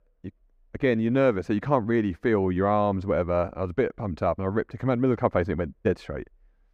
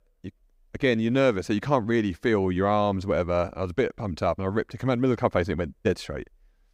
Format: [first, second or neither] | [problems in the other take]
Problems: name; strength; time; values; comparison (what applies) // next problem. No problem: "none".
second | muffled; slightly; fading above 3 kHz